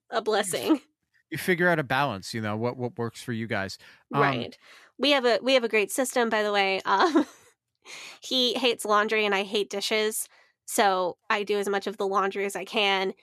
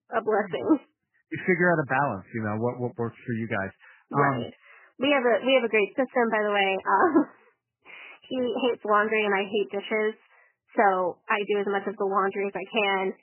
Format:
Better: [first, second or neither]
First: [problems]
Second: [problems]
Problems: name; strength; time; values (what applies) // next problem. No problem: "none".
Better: first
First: none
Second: garbled, watery; badly; nothing above 3 kHz